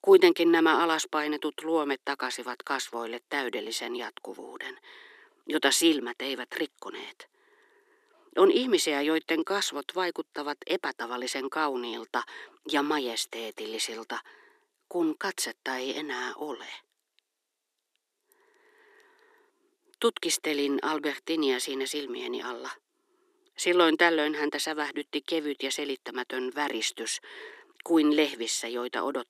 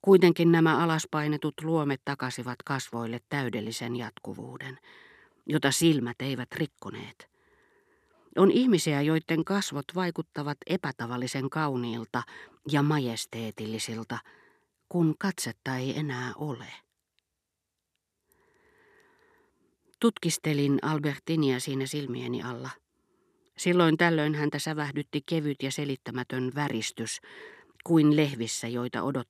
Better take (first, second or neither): second